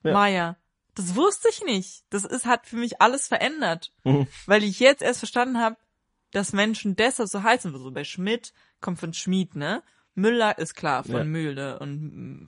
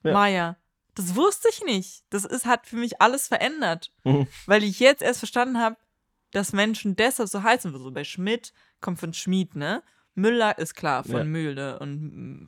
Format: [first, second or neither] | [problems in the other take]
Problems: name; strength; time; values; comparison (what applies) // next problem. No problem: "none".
second | garbled, watery; slightly; nothing above 10.5 kHz